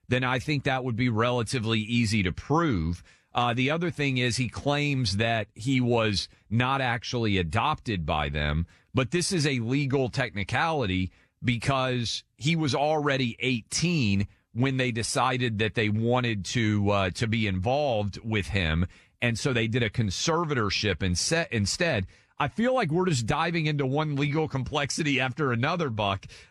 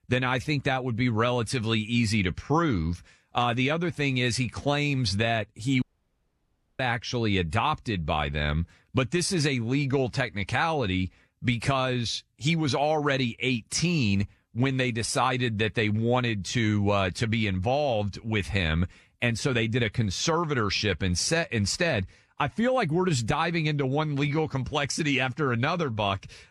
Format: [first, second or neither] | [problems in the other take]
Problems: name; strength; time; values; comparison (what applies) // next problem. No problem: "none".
first | audio cutting out; at 6 s for 1 s